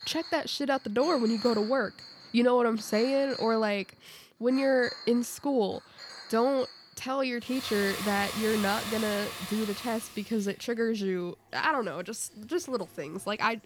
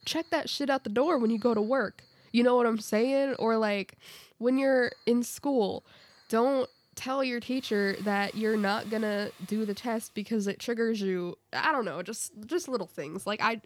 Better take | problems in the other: second | household noises; loud; throughout; 10 dB below the speech; faint in the second

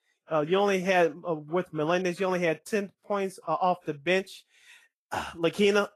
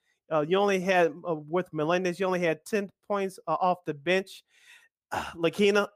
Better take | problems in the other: second | garbled, watery; slightly; nothing above 13 kHz

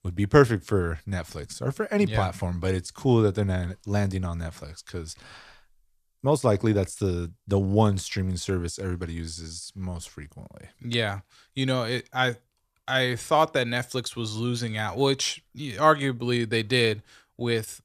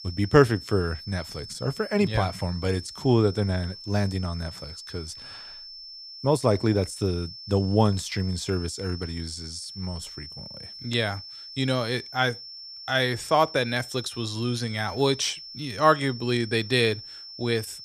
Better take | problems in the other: first | high-pitched whine; noticeable; throughout; 5.5 kHz, 15 dB below the speech

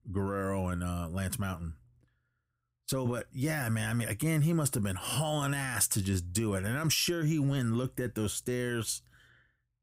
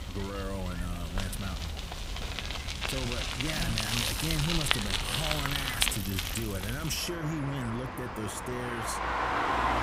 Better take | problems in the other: first | traffic noise; very loud; throughout; 3 dB above the speech

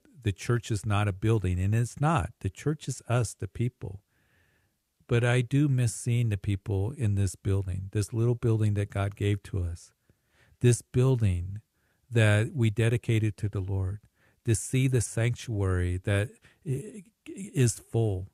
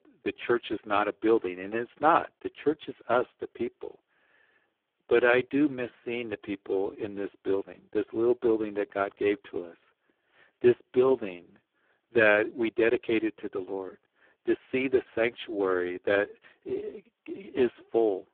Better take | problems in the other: first | phone-call audio; poor line

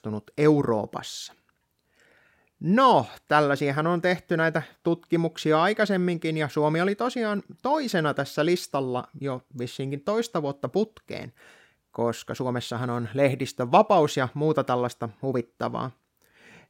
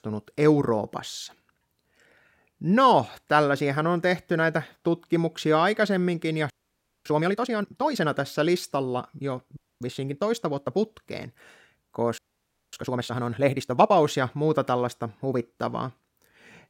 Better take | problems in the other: first | audio freezing; at 6.5 s for 0.5 s, at 9.5 s and at 12 s for 0.5 s

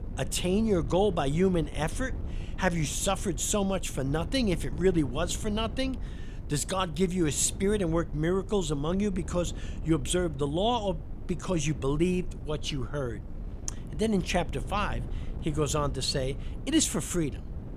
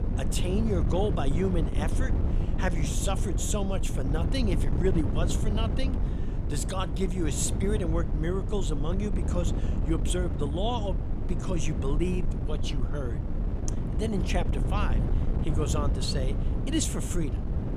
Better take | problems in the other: first | wind noise on the microphone; heavy; 6 dB below the speech; occasional gusts in the first

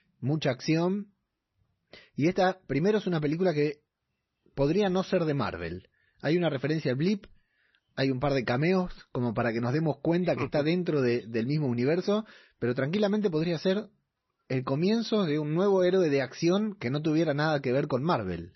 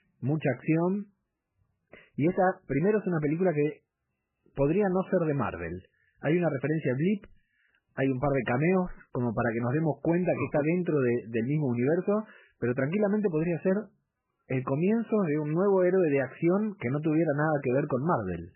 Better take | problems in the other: first | garbled, watery; badly; nothing above 2.5 kHz; slightly in the first

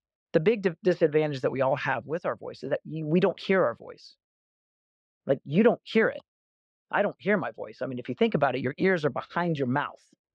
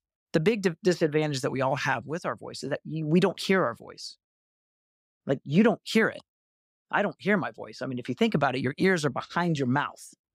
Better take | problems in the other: second | muffled; slightly; fading above 3 kHz

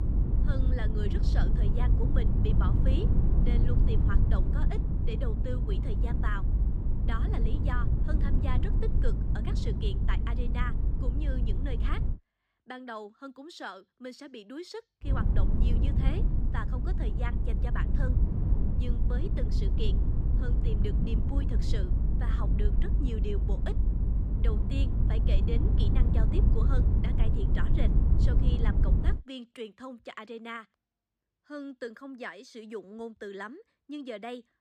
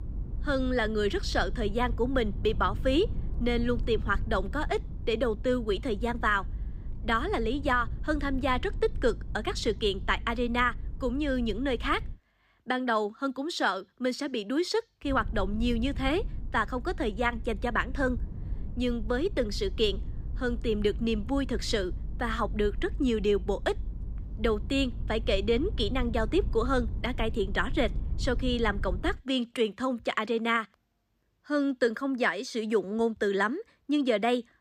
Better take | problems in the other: second | low rumble; loud; until 12 s and from 15 to 29 s; 2 dB below the speech; faint in the second

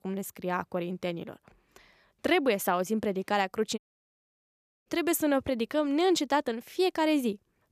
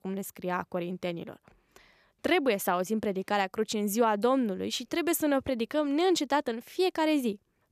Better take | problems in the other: second | audio cutting out; at 4 s for 1 s

